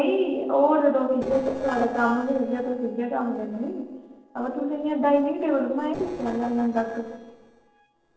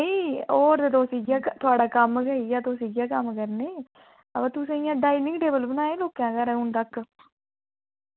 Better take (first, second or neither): second